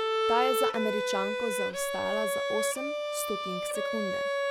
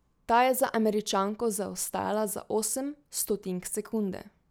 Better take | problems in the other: second | background sound (Bowed string instrument); 4 dB above the speech

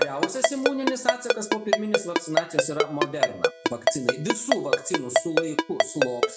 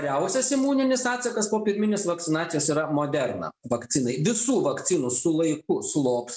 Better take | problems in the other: second | background sound (Ringtone); 5 dB above the speech

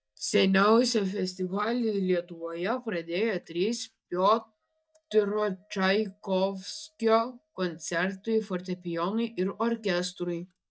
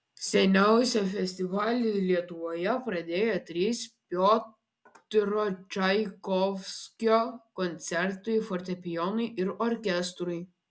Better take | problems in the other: second | noise reduction (neural mask model DeepFilterNet 3)

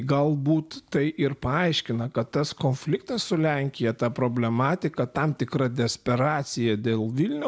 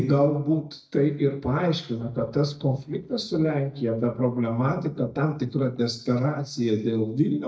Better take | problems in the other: first | noise reduction (neural mask model DeepFilterNet 3)

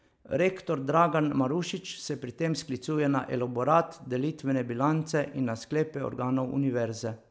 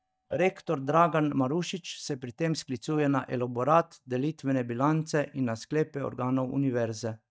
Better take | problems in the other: first | noise reduction (neural mask model DeepFilterNet 3)

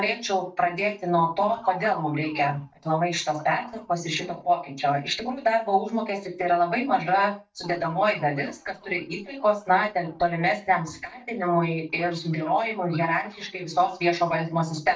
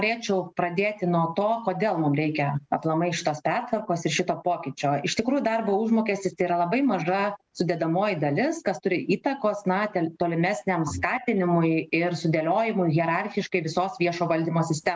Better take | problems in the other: second | noise reduction (neural mask model DeepFilterNet 3)

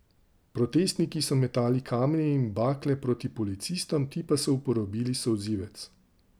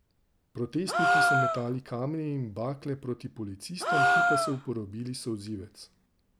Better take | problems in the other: first | background sound (Gasp); 5 dB above the speech

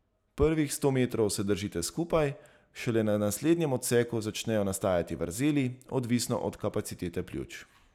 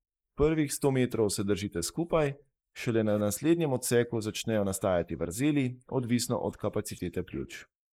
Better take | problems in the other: first | noise reduction (neural mask model Resemble Enhance denoiser)

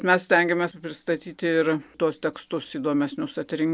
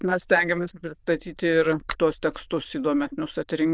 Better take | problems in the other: first | noise reduction (neural diffusion model UNIVERSE++)

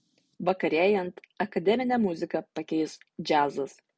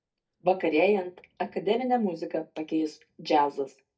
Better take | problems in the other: first | noise reduction (neural mask model DeepFilterNet 3)

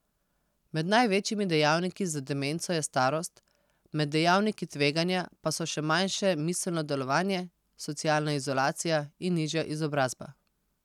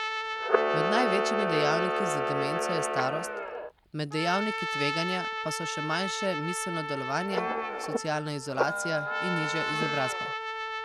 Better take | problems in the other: first | background sound (Trumpet + Camera); 2 dB above the speech

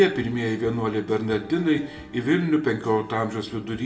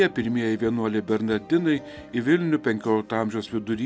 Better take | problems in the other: second | room echo; dies away in 0.5 s

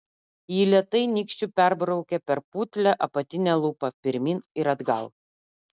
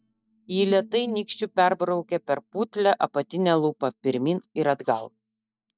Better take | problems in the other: first | noise reduction (neural mask model DeepFilterNet 3)

